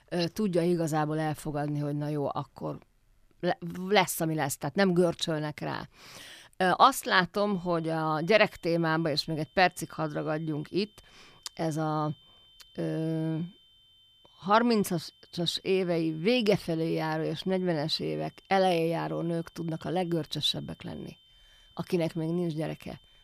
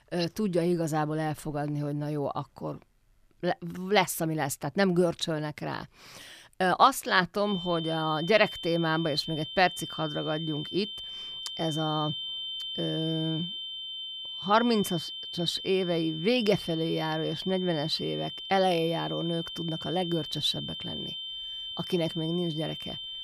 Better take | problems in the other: first | high-pitched whine; loud; from 7.5 s on; 3 kHz, 7 dB below the speech; faint in the first

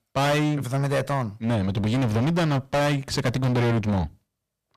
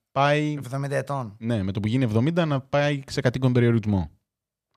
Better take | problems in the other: second | distortion; heavy; 25% of the sound clipped

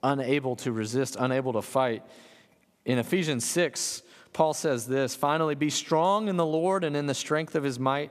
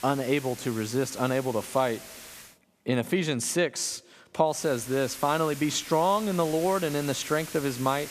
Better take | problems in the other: first | hiss; noticeable; until 2.5 s and from 4.5 s on; 15 dB below the speech

